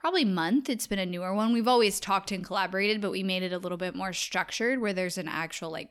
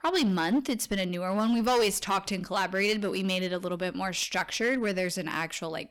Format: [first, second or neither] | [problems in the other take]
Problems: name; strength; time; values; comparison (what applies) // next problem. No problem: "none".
first | distortion; slight; 8% of the sound clipped